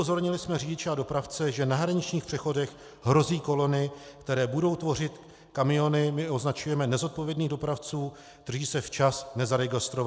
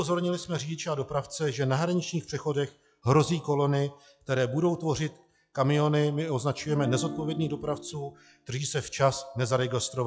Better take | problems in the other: first | noise reduction (classical method log-MMSE)

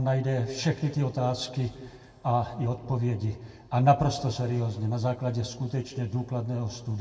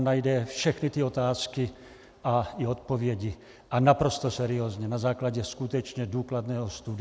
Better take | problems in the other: second | room echo; dies away in 1.6 s

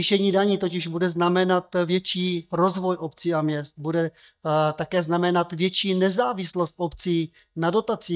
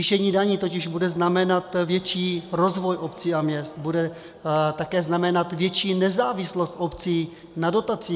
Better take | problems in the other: second | noise reduction (neural mask model DeepFilterNet 3)

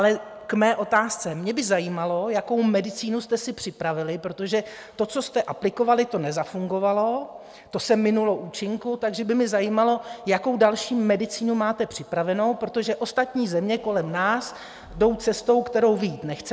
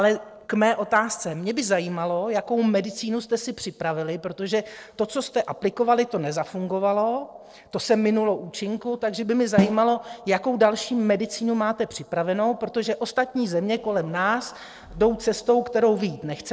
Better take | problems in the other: first | noise reduction (neural separator model SepFormer DNS4)

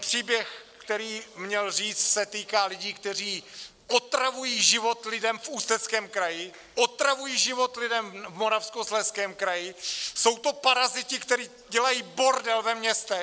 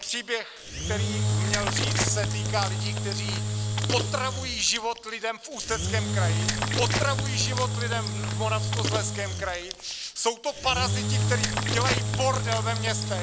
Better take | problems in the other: first | background sound (Engine / Drill); 3 dB above the speech

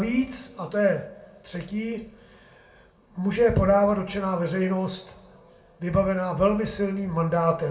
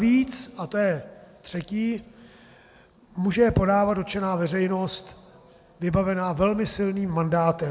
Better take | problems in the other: second | room echo; dies away in 0.3 s

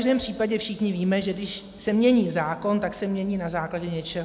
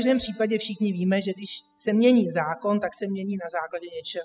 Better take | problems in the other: first | noise reduction (classical method spectral subtraction)

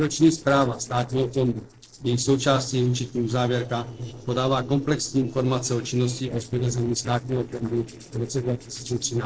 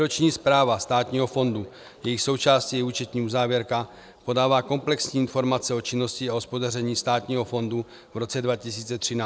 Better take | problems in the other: second | noise reduction (neural separator model SepFormer DNS4)

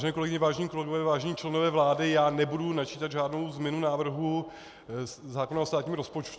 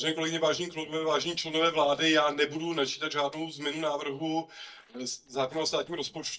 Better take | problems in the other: first | noise reduction (neural mask model DeepFilterNet 3)

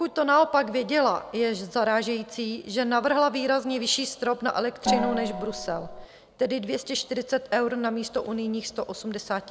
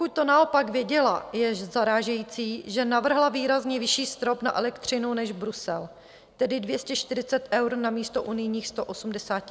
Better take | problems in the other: second | background sound (Gong); 3 dB below the speech

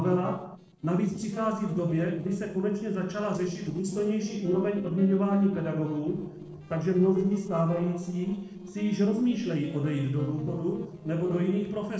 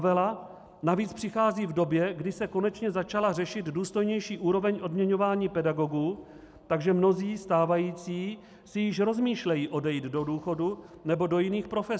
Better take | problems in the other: second | noise reduction (neural separator model SepFormer DNS4)

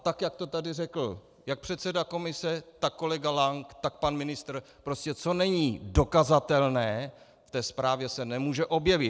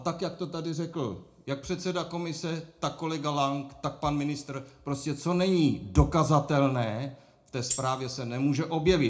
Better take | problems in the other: first | background sound (Tambourine); 10 dB below the speech // room echo; dies away in 0.4 s

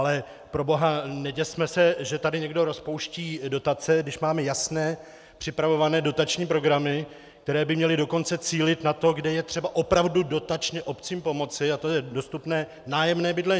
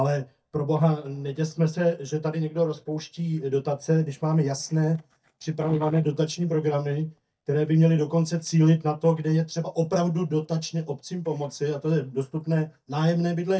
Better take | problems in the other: first | noise reduction (neural mask model DeepFilterNet 3)

